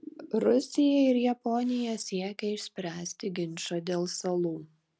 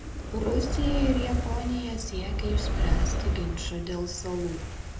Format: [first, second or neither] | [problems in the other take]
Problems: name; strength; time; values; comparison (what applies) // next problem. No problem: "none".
first | background sound (Fire); 4 dB above the speech // room echo; dies away in 0.7 s